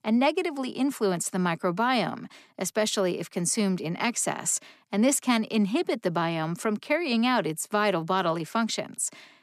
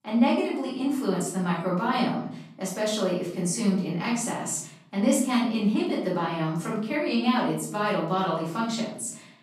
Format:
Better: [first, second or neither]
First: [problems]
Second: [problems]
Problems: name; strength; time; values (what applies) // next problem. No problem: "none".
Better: first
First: none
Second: off-mic speech; far // room echo; noticeable; dies away in 0.7 s